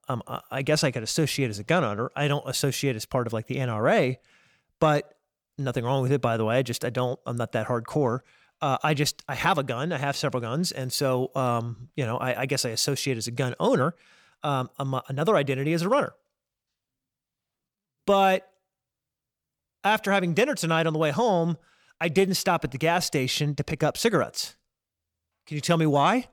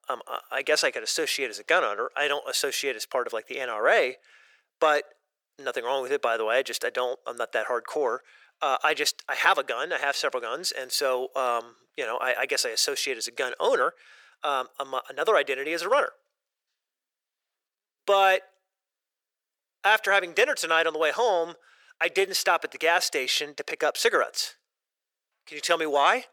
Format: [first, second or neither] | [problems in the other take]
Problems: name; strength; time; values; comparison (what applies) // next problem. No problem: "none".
first | thin; very; fading below 450 Hz